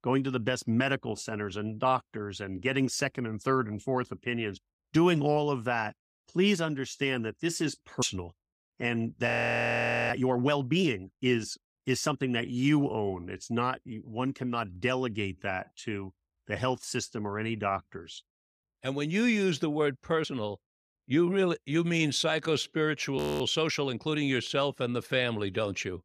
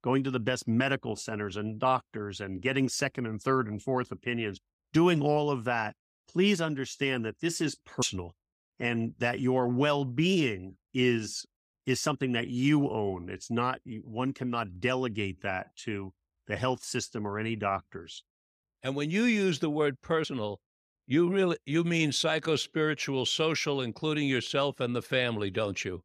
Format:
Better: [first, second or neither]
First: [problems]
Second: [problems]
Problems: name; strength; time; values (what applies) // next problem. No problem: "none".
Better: second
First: audio freezing; at 9.5 s for 1 s and at 23 s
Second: none